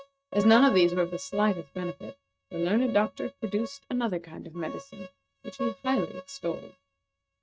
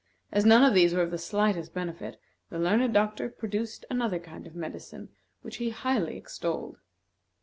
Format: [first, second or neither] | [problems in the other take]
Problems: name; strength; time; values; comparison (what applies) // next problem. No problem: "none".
second | noise reduction (neural mask model RNNoise)